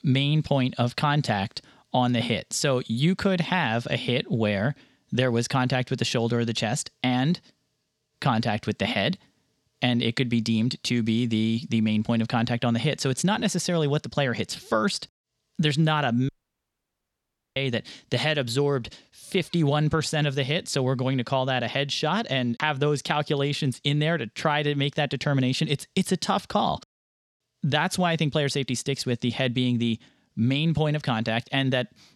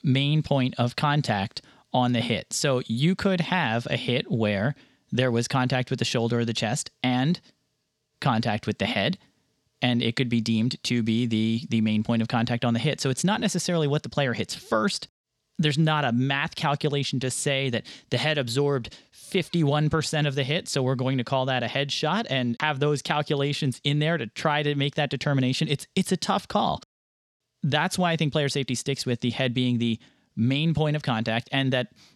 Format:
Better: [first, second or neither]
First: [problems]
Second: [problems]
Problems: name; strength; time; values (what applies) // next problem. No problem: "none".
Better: second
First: audio cutting out; at 16 s for 1.5 s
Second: none